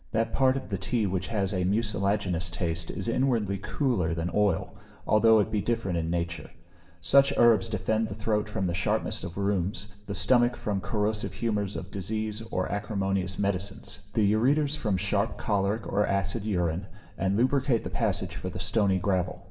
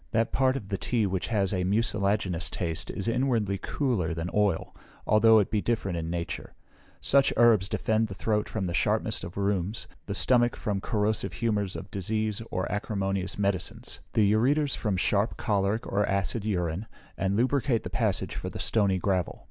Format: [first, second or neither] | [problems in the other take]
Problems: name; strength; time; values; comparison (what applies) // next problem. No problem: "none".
second | room echo; dies away in 1.4 s